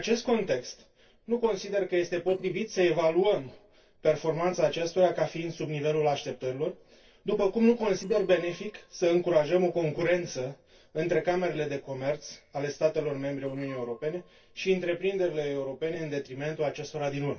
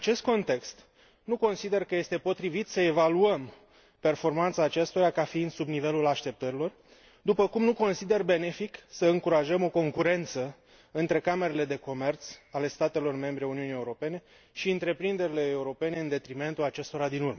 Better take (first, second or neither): second